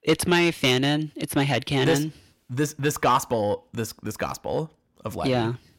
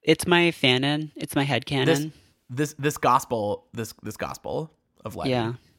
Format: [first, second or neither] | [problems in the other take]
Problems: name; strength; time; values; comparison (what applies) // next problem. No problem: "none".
second | distortion; slight; 10 dB below the speech